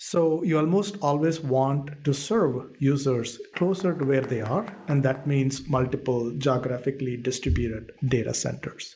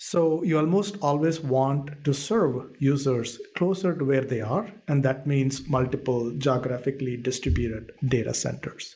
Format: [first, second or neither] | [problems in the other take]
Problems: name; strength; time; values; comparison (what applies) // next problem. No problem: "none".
second | background sound (Mechanisms); 20 dB below the speech